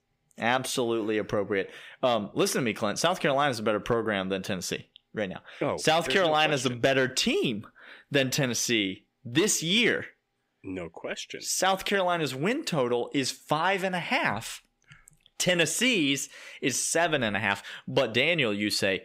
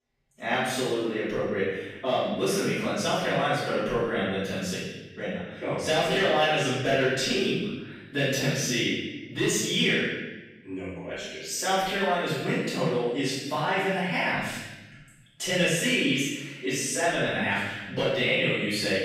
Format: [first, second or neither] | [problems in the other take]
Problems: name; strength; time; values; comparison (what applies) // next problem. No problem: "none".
first | off-mic speech; far // room echo; strong; dies away in 1.1 s